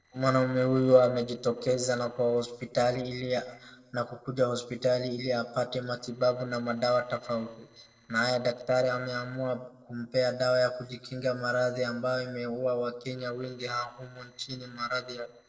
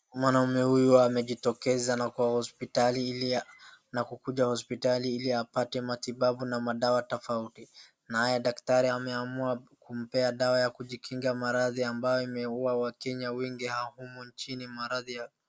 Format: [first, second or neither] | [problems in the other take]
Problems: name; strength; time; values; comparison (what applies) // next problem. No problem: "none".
second | noise reduction (neural separator model SepFormer DNS4)